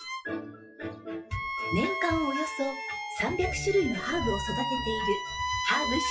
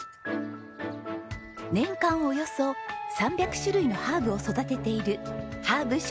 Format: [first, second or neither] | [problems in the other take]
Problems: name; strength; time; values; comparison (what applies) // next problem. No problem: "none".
second | noise reduction (classical method WPE with log-MMSE)